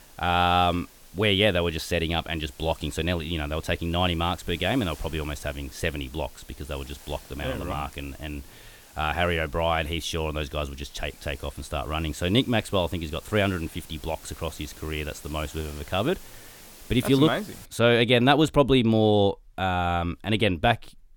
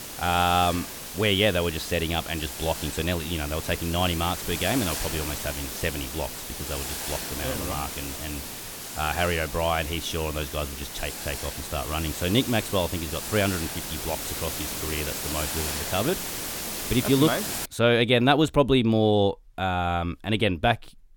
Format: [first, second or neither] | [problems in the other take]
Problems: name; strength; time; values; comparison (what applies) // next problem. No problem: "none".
first | hiss; loud; until 18 s; 6 dB below the speech; faint in the first